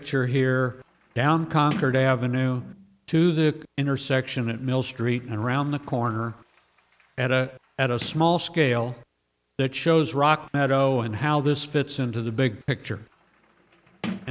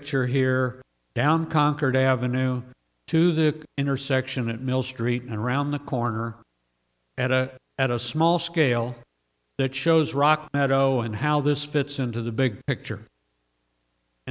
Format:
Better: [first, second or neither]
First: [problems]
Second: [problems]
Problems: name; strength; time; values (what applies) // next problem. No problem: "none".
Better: second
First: background sound (Sliding door); 20 dB below the speech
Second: none